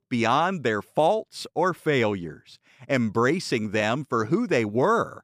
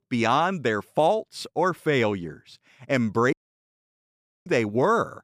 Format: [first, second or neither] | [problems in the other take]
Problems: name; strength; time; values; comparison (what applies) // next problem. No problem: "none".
first | audio cutting out; at 3.5 s for 1 s